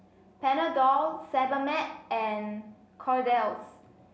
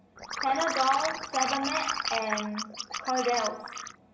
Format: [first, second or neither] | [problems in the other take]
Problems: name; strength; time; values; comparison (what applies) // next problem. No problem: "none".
first | background sound (Liquid); 3 dB below the speech // room echo; dies away in 0.2 s